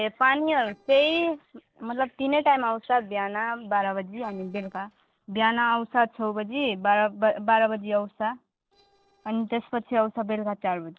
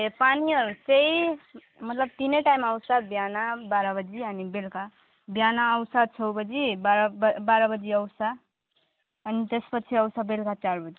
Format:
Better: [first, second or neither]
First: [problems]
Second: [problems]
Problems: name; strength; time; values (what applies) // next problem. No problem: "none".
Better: second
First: noise reduction (neural separator model SepFormer DNS4)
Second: none